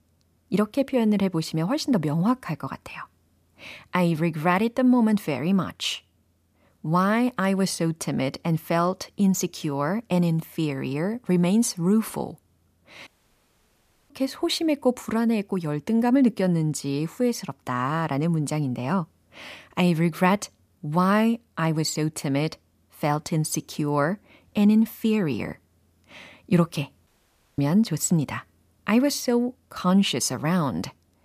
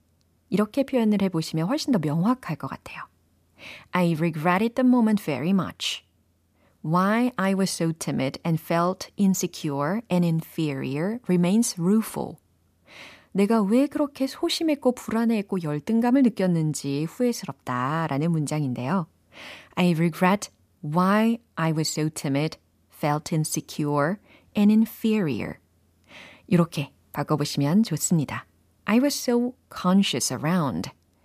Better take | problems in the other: second | audio cutting out; at 13 s for 1 s and at 27 s for 0.5 s

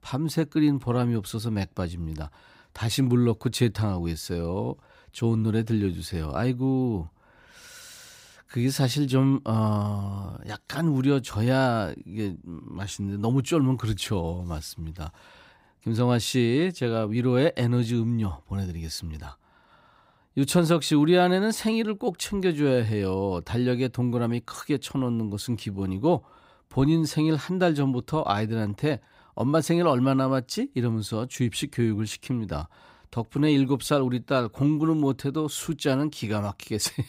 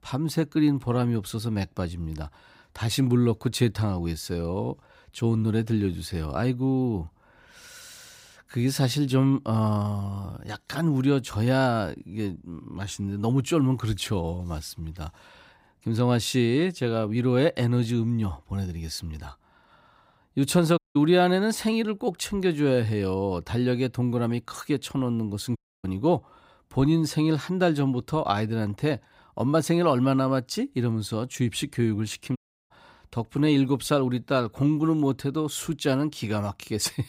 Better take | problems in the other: first | audio cutting out; at 21 s, at 26 s and at 32 s

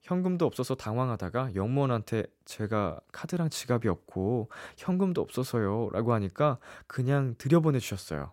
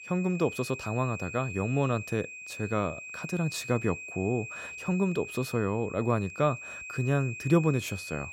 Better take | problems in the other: first | high-pitched whine; loud; throughout; 2.5 kHz, 10 dB below the speech

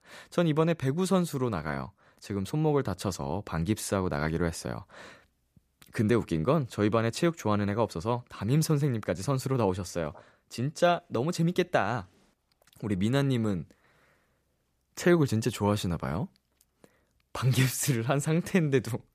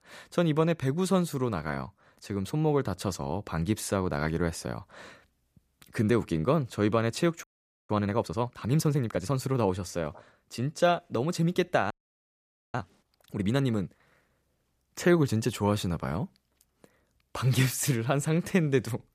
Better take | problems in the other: first | audio freezing; at 7.5 s and at 12 s for 1 s

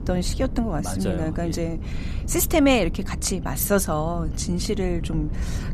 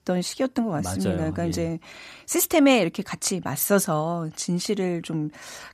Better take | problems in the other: second | low rumble; noticeable; throughout; 15 dB below the speech

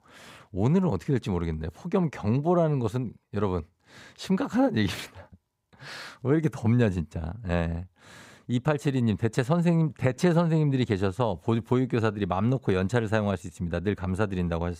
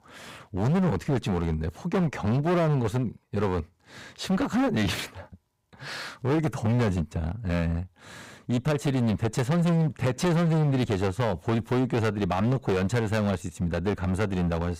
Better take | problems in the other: first | distortion; heavy; 17% of the sound clipped

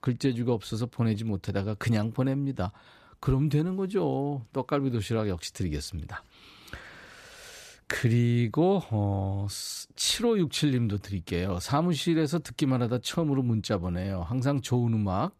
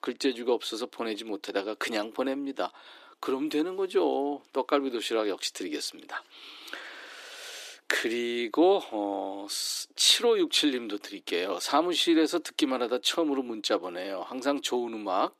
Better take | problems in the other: first | thin; somewhat; fading below 300 Hz

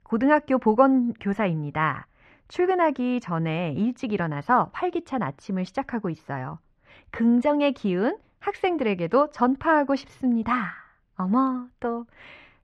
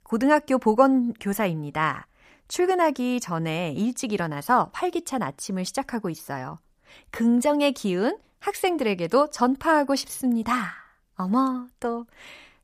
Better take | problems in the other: second | muffled; slightly; fading above 2.5 kHz

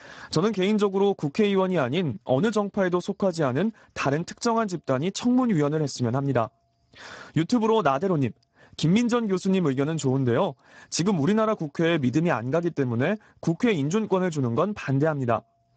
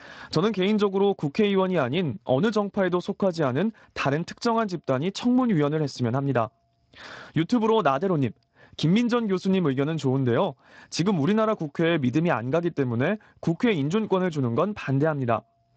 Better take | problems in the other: second | garbled, watery; badly; nothing above 7.5 kHz; slightly in the second

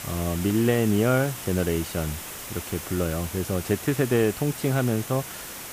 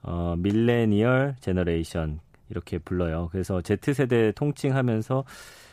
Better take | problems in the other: second | hiss; loud; throughout; 9 dB below the speech

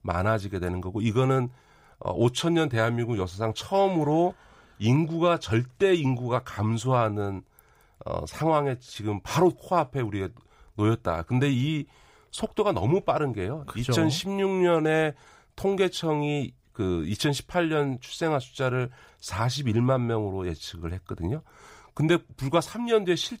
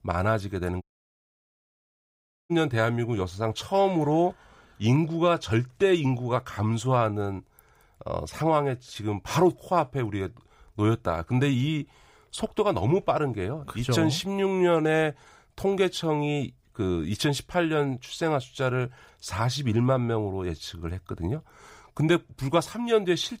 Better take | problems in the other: first | audio cutting out; at 1 s for 1.5 s

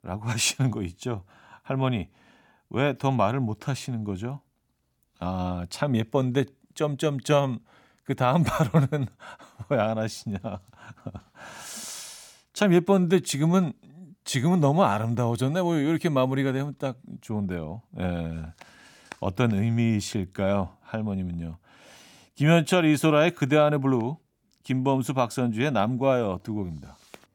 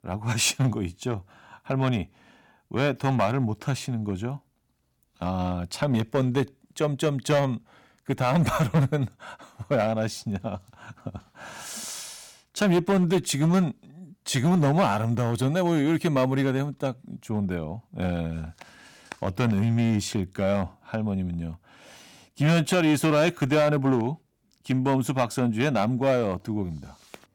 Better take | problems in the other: first | distortion; slight; 5% of the sound clipped

